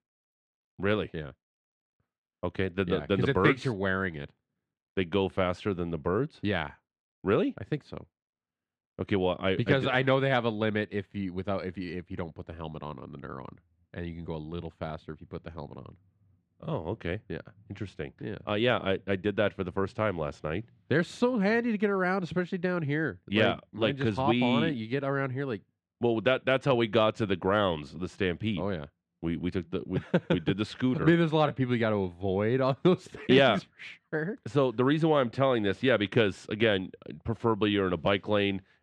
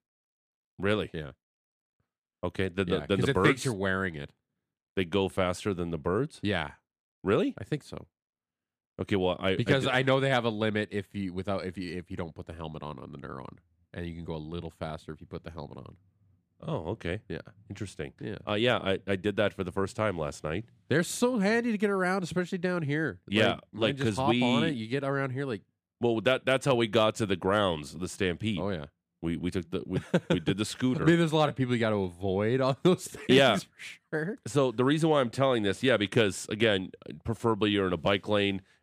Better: second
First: muffled; slightly; fading above 3.5 kHz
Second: none

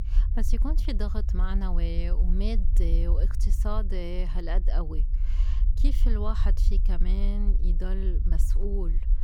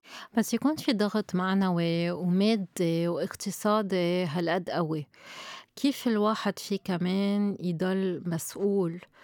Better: second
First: low rumble; noticeable; throughout; 10 dB below the speech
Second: none

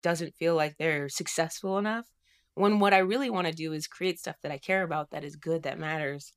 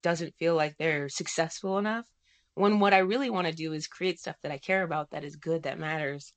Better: first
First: none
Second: garbled, watery; slightly; nothing above 7.5 kHz

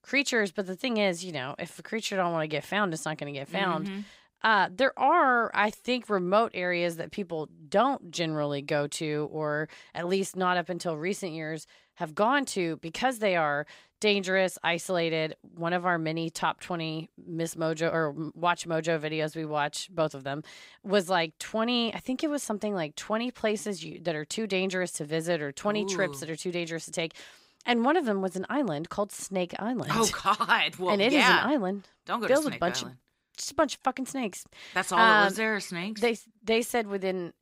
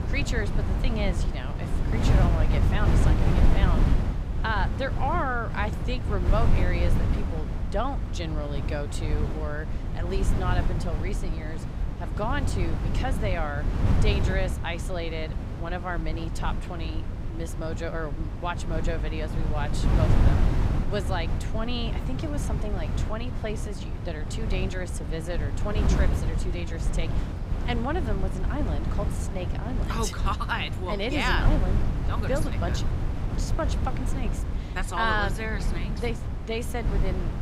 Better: first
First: none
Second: wind noise on the microphone; heavy; 6 dB below the speech

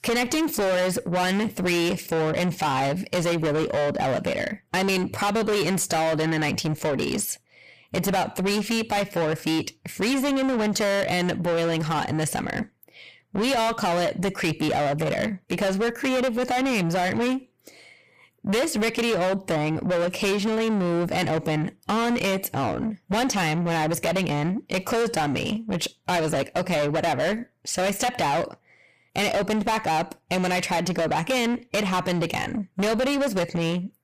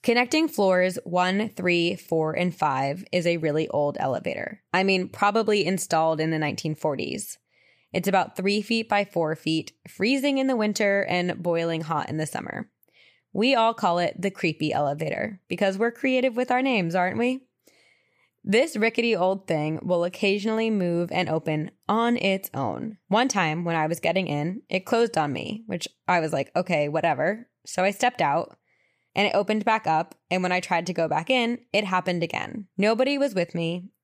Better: second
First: distortion; heavy; 6 dB below the speech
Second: none

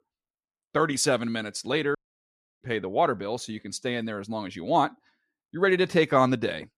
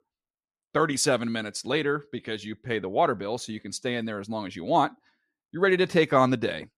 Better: second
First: audio cutting out; at 2 s for 0.5 s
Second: none

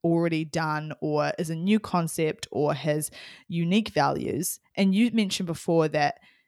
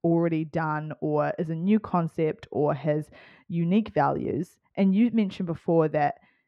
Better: first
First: none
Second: muffled; very; fading above 3.5 kHz

